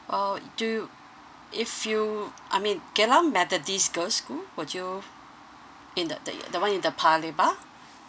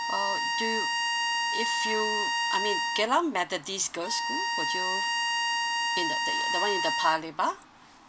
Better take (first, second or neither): first